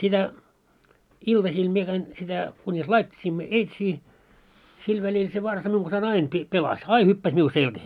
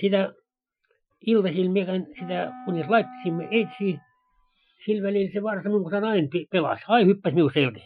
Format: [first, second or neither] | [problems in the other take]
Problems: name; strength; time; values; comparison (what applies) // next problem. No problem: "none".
first | noise reduction (classical method Wiener filter)